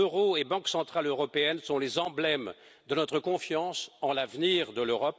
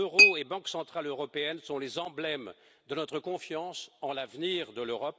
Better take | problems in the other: first | background sound (Chink, clink); 2 dB above the speech

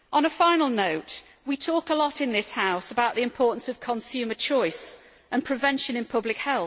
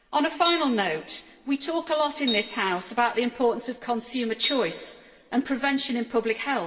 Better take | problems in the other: first | background sound (Piano); 10 dB below the speech // room echo; dies away in 2 s

